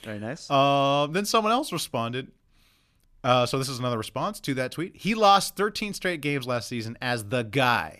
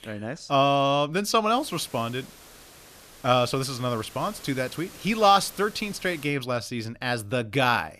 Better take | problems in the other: first | hiss; faint; from 1.5 to 6.5 s; 20 dB below the speech

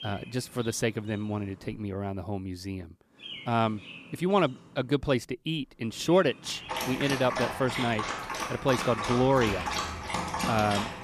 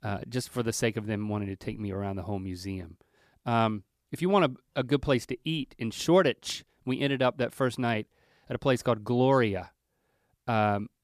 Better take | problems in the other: second | animal sounds; loud; throughout; 4 dB below the speech

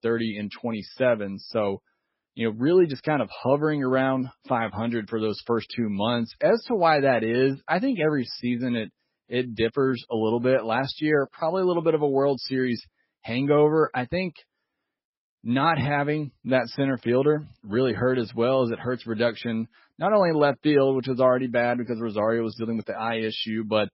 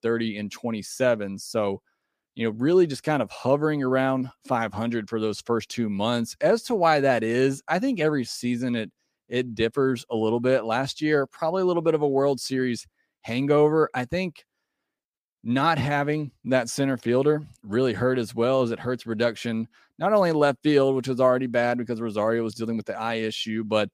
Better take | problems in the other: second | garbled, watery; badly; nothing above 5.5 kHz

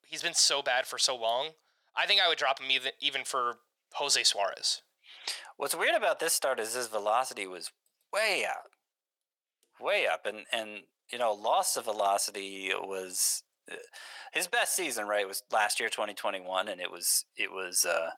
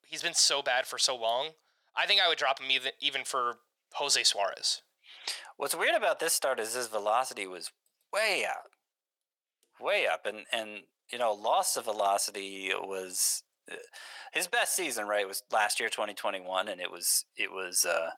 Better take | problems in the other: neither | thin; very; fading below 800 Hz; the same in both

